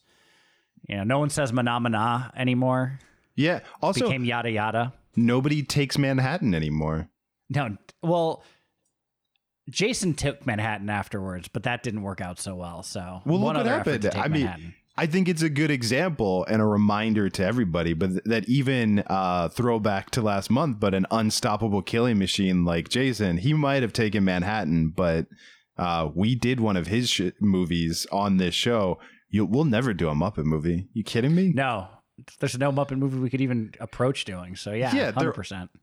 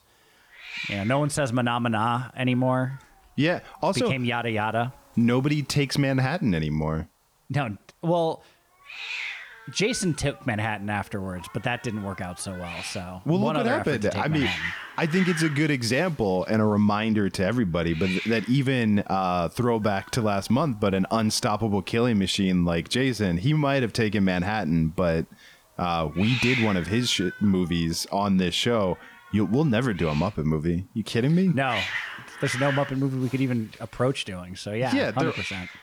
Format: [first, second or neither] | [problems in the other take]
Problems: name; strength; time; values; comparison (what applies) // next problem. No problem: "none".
first | hiss; loud; throughout; 8 dB below the speech